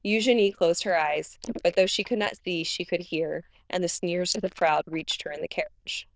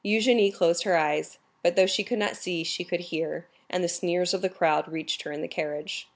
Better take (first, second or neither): second